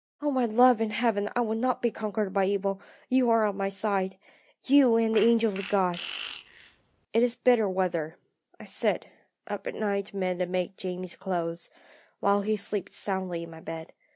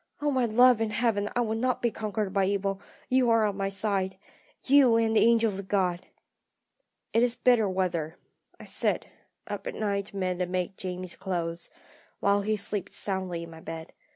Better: second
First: noise reduction (neural mask model DeepFilterNet 3)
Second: none

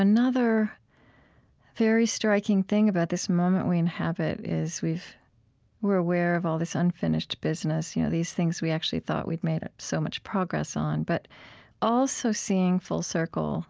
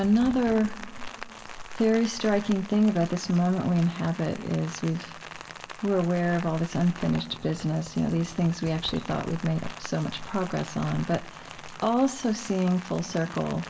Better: first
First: none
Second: background sound (Rain); 14 dB below the speech // room echo; dies away in 2.9 s

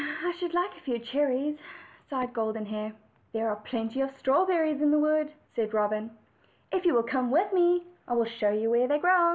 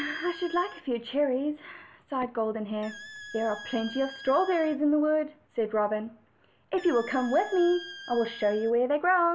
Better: first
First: none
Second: background sound (Squeak); 18 dB below the speech

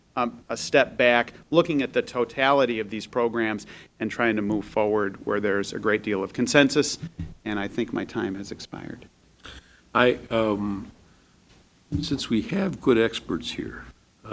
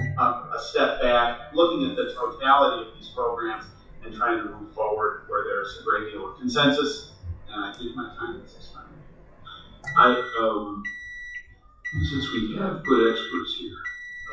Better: first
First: none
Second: noise reduction (classical method WPE with log-MMSE)

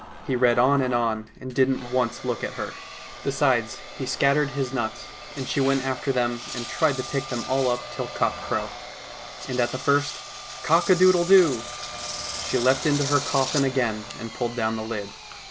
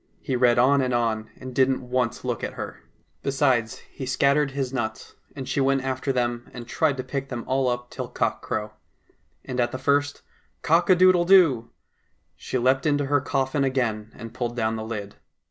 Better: second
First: background sound (Engine); 11 dB below the speech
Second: none

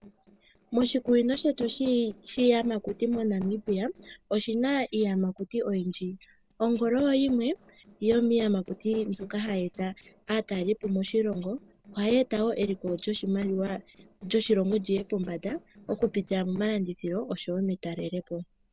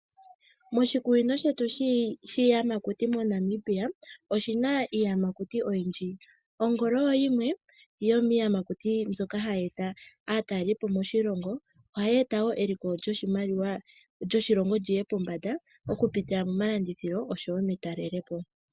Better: second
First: noise reduction (neural separator model SepFormer DNS4)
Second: none

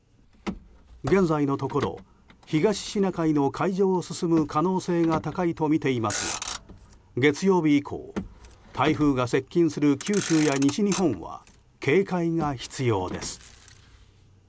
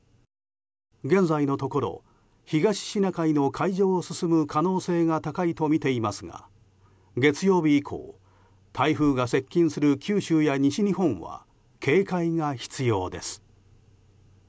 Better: second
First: background sound (Motor vehicle (road)); 14 dB below the speech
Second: none

